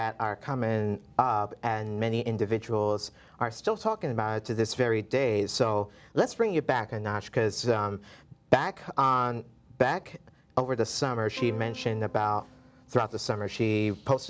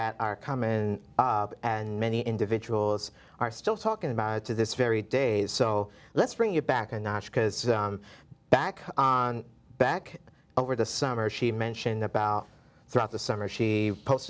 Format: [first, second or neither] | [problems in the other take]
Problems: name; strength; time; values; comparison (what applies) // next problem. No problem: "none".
second | background sound (Plucked string instrument); 18 dB below the speech